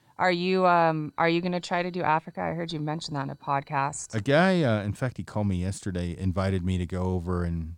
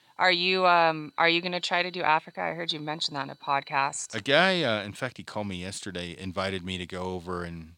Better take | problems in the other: first | thin; somewhat; fading below 400 Hz

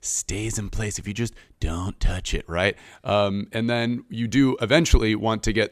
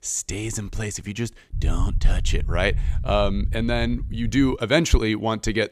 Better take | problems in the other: first | low rumble; faint; from 1.5 to 4.5 s; 20 dB below the speech

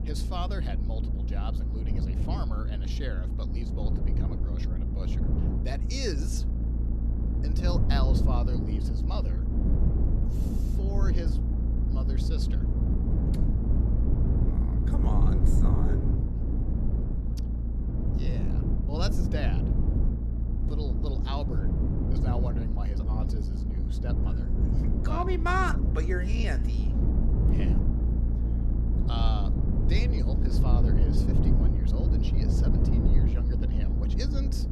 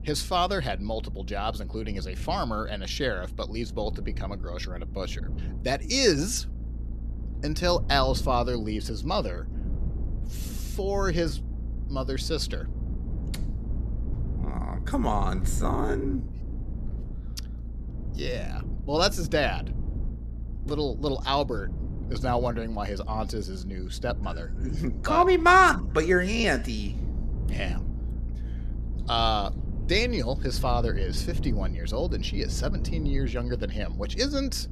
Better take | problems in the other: second | low rumble; loud; throughout; 2 dB below the speech; faint in the second

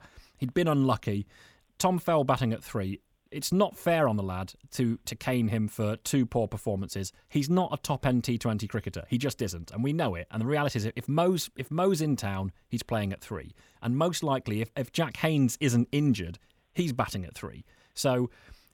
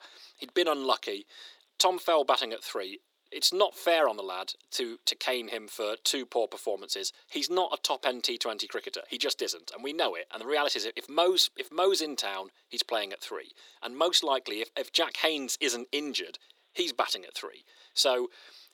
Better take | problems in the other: first | thin; very; fading below 350 Hz

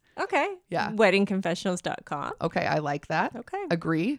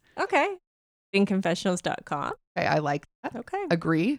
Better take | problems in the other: first | audio cutting out; at 0.5 s for 0.5 s, at 2.5 s and at 3 s

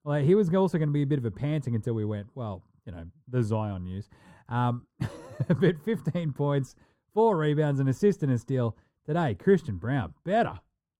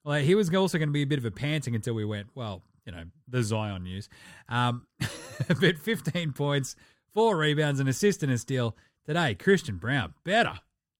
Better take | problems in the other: second | muffled; slightly; fading above 1.5 kHz

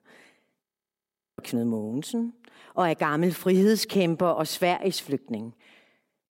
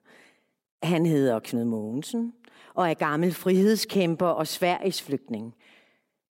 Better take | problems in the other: second | audio freezing; at 0.5 s for 0.5 s

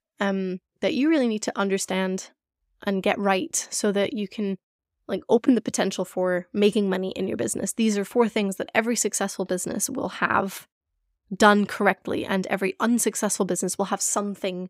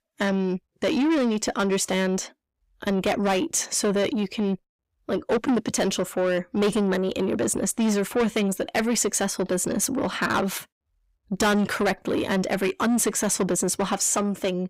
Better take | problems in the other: first | distortion; heavy; 7 dB below the speech

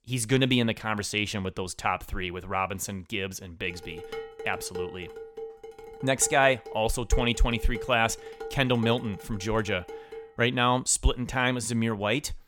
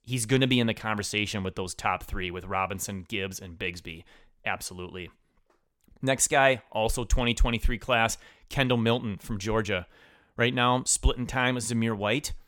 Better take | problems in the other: second | clattering dishes; noticeable; from 3.5 to 10 s; peak 9 dB below the speech

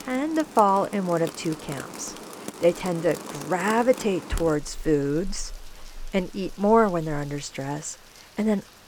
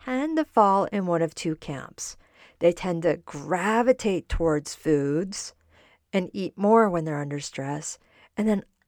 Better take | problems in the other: second | rain or running water; noticeable; throughout; 15 dB below the speech

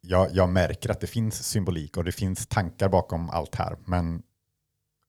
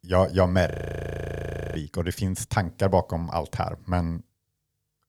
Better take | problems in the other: first | audio freezing; at 0.5 s for 1 s

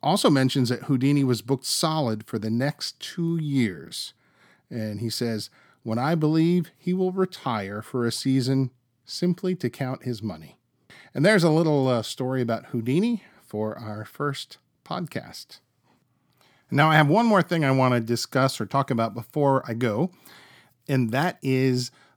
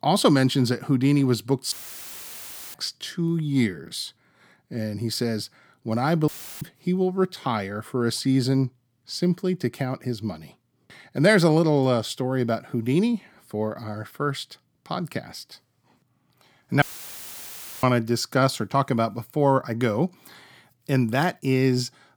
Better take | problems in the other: first | audio cutting out; filled with static; at 1.5 s for 1 s, at 6.5 s and at 17 s for 1 s

